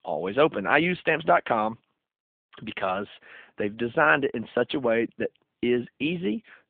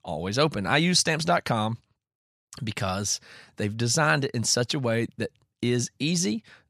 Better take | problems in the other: second | phone-call audio

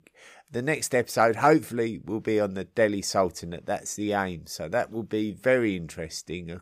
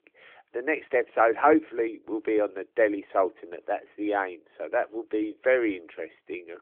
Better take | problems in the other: first | phone-call audio; nothing above 3.5 kHz

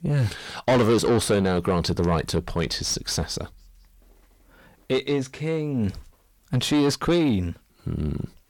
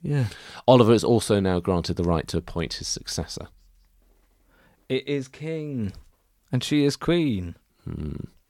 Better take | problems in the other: second | distortion; heavy; 5 dB below the speech

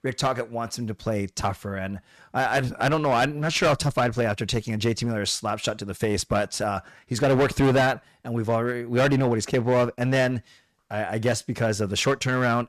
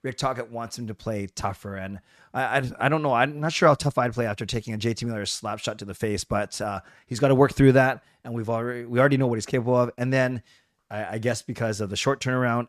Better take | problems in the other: second | distortion; heavy; 8% of the sound clipped

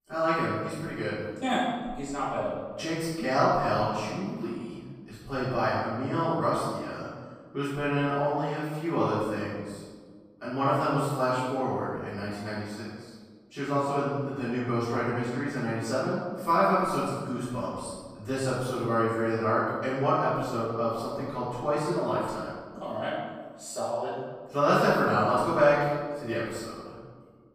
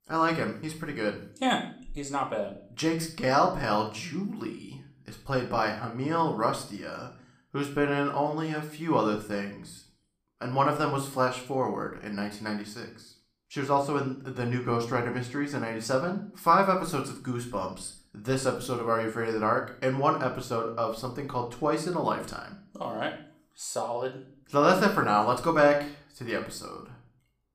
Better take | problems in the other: second | room echo; strong; dies away in 1.4 s; slight in the second // off-mic speech; far; somewhat distant in the second

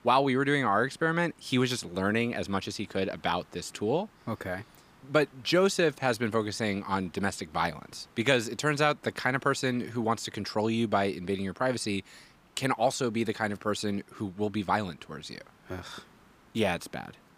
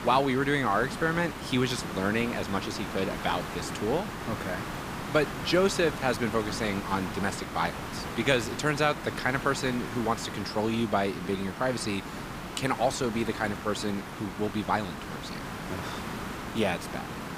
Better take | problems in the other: first | hiss; loud; throughout; 7 dB below the speech; faint in the first

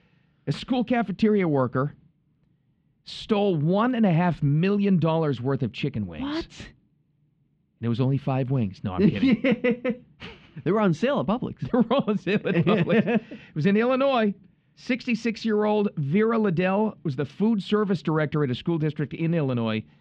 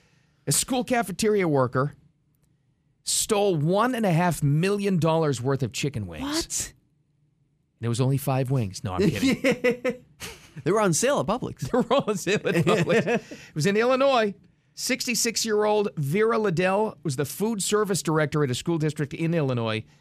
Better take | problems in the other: second | muffled; slightly; fading above 3.5 kHz

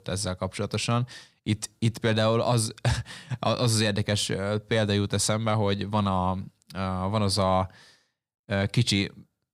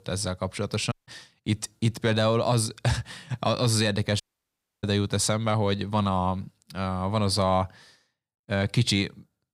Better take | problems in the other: first | audio cutting out; at 1 s and at 4 s for 0.5 s

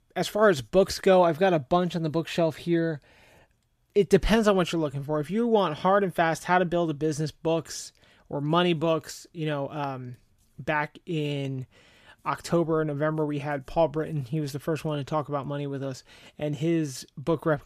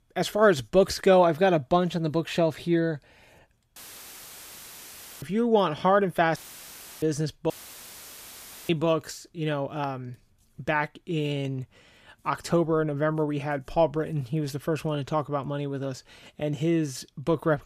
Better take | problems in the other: first | audio cutting out; filled with static; at 4 s for 1.5 s, at 6.5 s for 0.5 s and at 7.5 s for 1 s

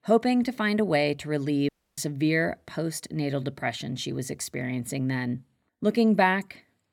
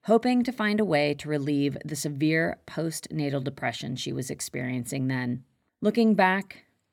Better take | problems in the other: second | audio cutting out; at 1.5 s

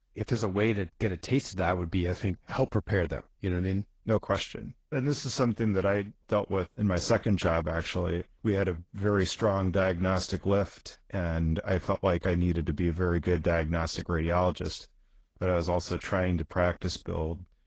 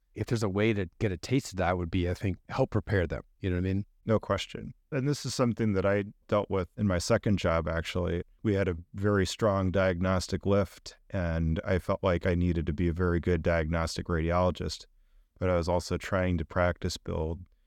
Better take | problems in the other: second | garbled, watery; badly; nothing above 7.5 kHz

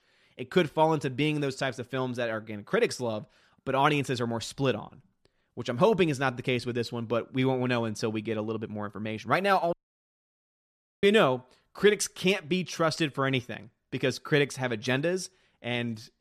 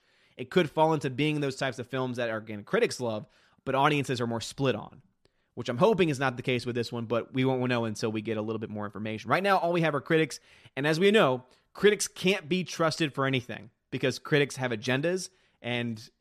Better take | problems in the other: second | audio cutting out; at 9.5 s for 1.5 s

